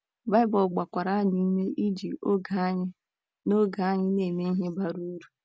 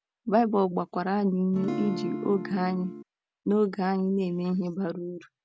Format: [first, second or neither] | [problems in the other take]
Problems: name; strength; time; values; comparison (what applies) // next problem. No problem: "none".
first | background sound (Acoustic guitar / Strum); 7 dB below the speech